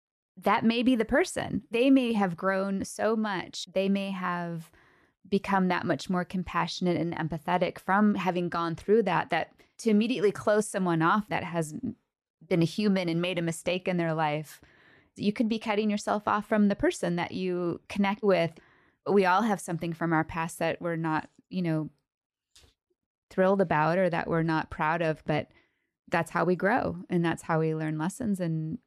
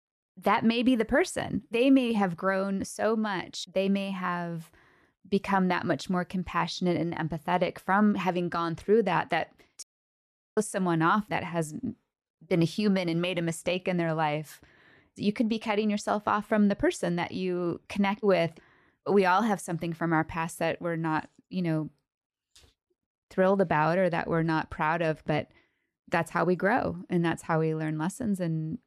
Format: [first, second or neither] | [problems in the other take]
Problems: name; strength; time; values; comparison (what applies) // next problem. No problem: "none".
first | audio cutting out; at 10 s for 0.5 s